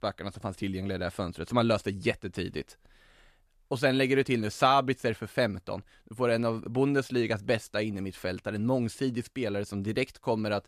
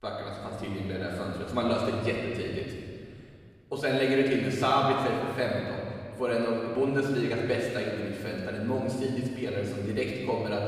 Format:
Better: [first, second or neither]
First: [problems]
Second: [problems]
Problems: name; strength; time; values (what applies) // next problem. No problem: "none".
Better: first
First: none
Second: room echo; noticeable; dies away in 1.9 s // off-mic speech; far